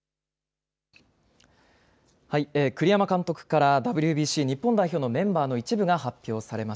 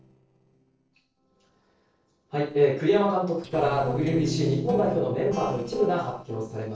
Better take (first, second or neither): first